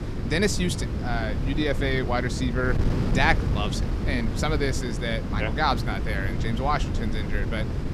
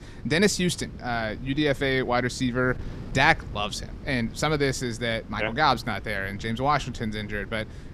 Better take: second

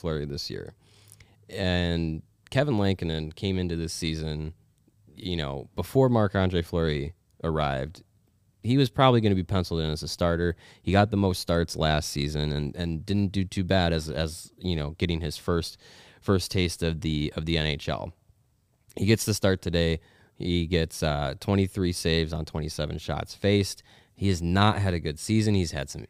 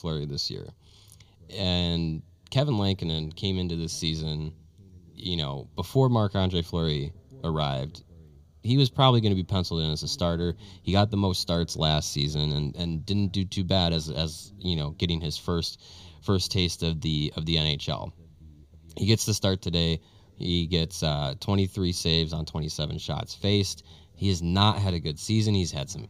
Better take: first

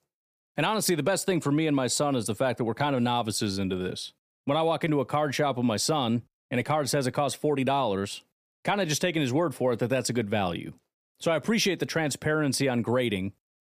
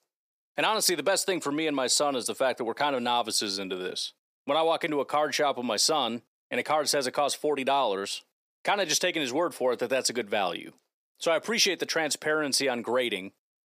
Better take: first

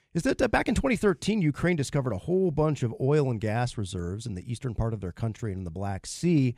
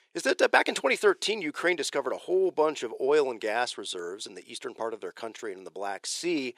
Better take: first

